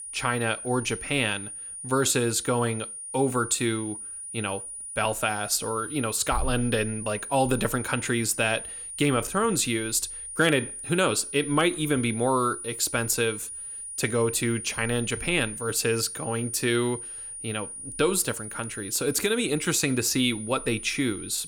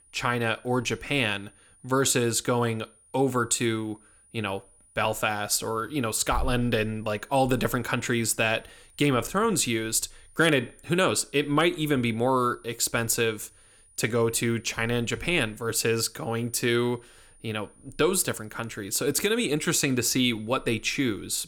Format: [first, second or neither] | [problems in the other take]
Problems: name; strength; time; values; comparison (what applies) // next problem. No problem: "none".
second | high-pitched whine; loud; throughout; 9.5 kHz, 9 dB below the speech; faint in the second